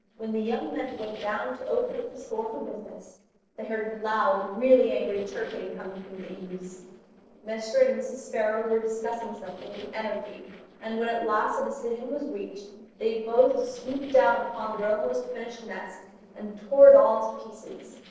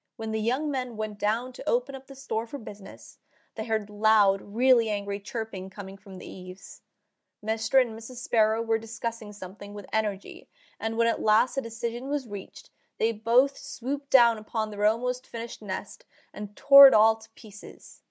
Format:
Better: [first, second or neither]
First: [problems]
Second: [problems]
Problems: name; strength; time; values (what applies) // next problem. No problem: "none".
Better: second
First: noise reduction (neural separator model SepFormer DNS4)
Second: none